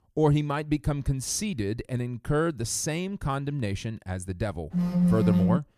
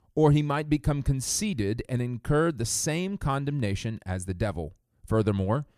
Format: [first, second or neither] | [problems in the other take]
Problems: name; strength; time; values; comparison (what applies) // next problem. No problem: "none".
second | phone ringing; loud; at 4.5 s; peak 6 dB above the speech